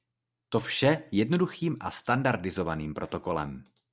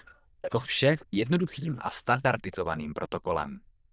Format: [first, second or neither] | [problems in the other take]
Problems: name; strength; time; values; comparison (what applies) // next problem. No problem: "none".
first | noise reduction (neural diffusion model UNIVERSE++)